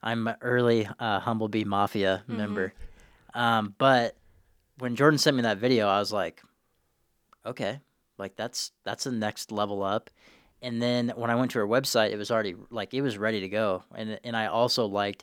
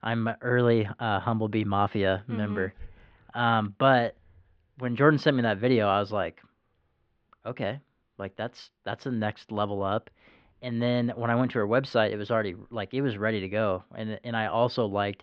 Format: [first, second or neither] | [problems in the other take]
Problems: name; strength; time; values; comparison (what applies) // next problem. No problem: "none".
first | muffled; slightly; fading above 3.5 kHz